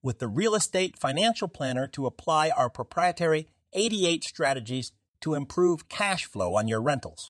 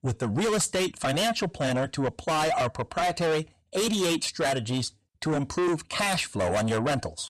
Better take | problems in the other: first | distortion; heavy; 6 dB below the speech

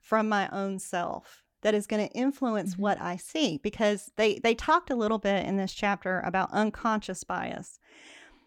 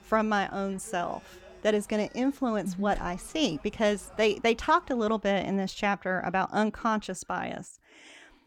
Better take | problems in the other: first | animal sounds; faint; throughout; 25 dB below the speech

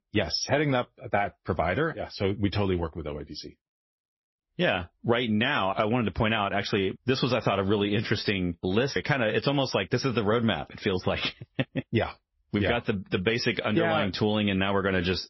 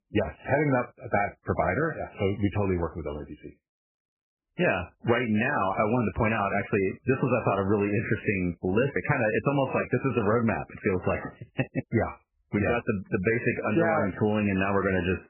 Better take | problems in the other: first | garbled, watery; badly; nothing above 3 kHz; slightly in the first

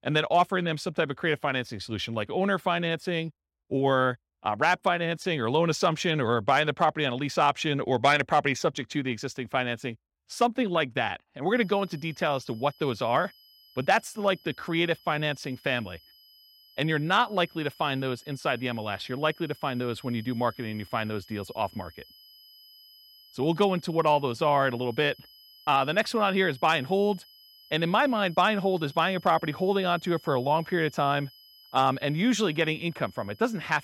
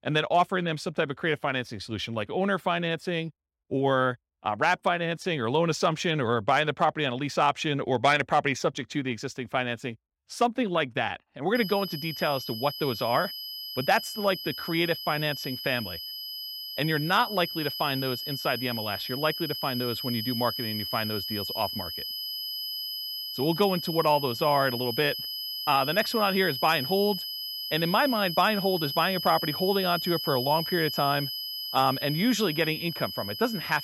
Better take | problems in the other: first | high-pitched whine; loud; from 12 s on; 5 kHz, 5 dB below the speech; faint in the first

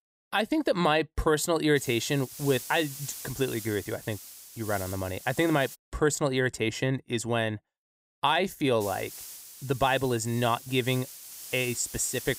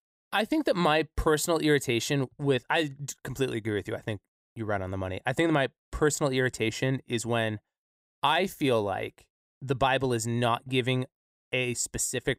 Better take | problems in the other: second | hiss; noticeable; from 2 to 6 s and from 9 s on; 15 dB below the speech

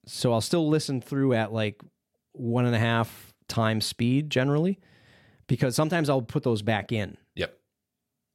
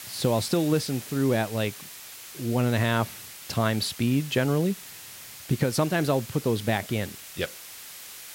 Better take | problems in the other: first | hiss; noticeable; throughout; 15 dB below the speech

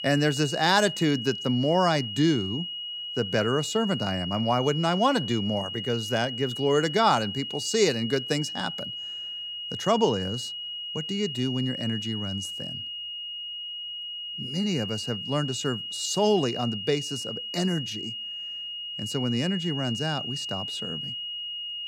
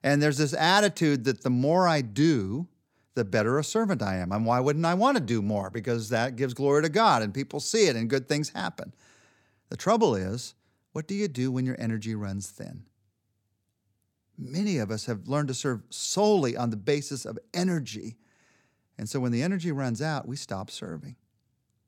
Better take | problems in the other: second | high-pitched whine; loud; throughout; 3 kHz, 6 dB below the speech

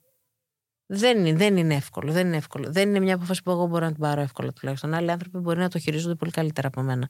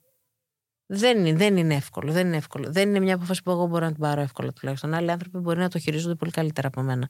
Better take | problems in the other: neither | none

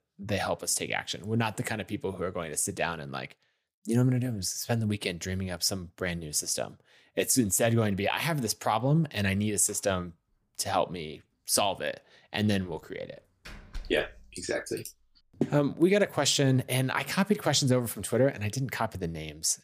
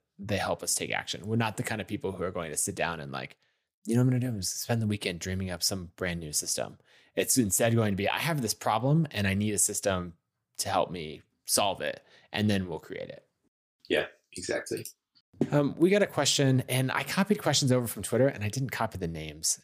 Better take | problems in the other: second | door banging; faint; from 13 to 14 s; peak 15 dB below the speech

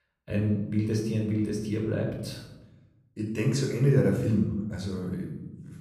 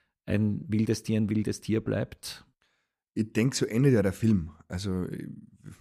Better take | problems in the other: second | off-mic speech; somewhat distant // room echo; noticeable; dies away in 0.9 s

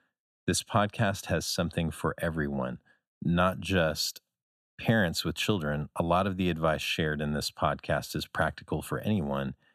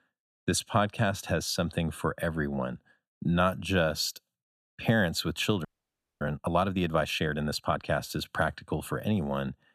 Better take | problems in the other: first | audio freezing; at 5.5 s for 0.5 s

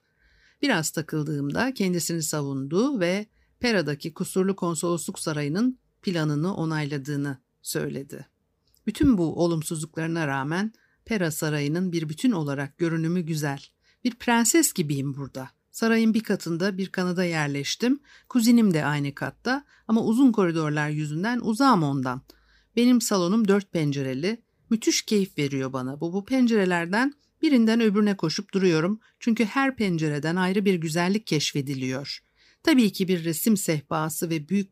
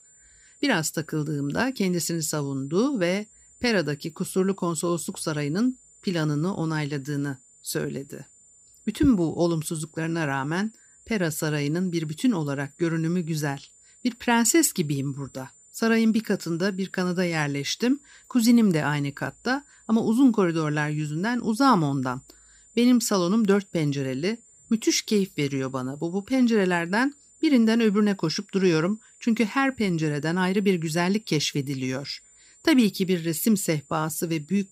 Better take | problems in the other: first | high-pitched whine; faint; throughout; 7 kHz, 30 dB below the speech

